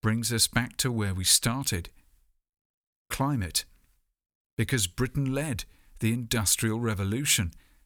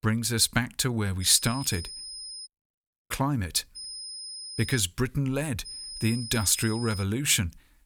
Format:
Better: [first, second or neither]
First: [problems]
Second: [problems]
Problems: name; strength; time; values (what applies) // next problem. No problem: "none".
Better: first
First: none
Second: high-pitched whine; noticeable; from 1 to 2.5 s, from 4 to 5 s and from 5.5 to 7 s; 5 kHz, 10 dB below the speech